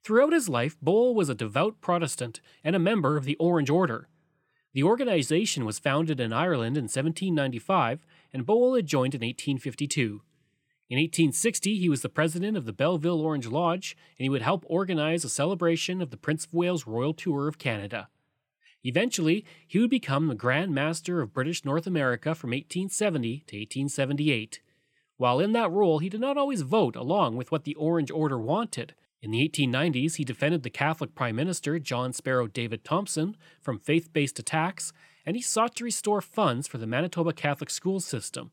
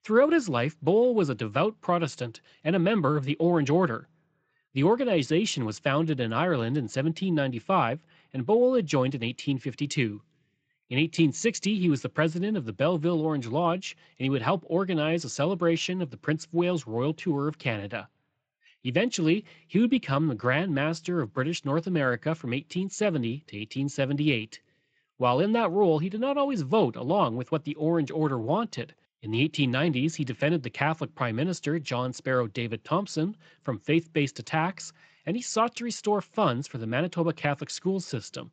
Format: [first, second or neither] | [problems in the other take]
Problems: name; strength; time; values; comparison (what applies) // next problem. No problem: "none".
first | garbled, watery; slightly; nothing above 7.5 kHz